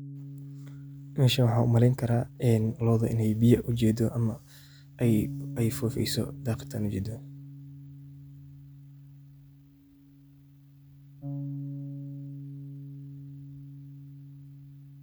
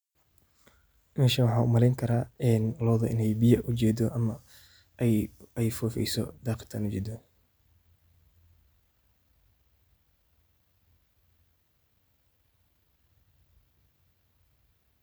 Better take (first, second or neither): second